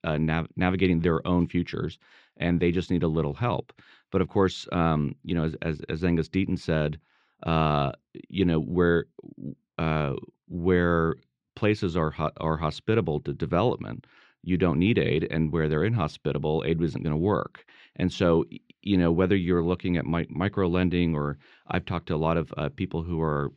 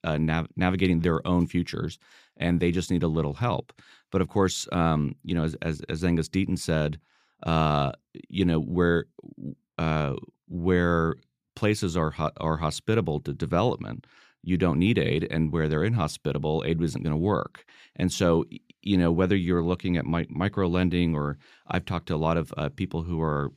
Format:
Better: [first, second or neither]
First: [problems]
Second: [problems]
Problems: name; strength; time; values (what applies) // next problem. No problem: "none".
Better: second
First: muffled; very slightly; fading above 3 kHz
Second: none